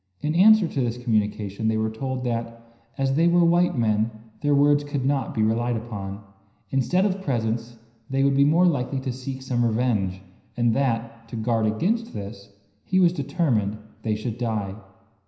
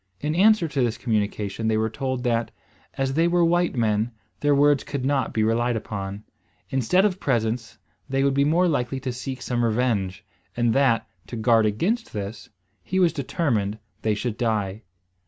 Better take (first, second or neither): second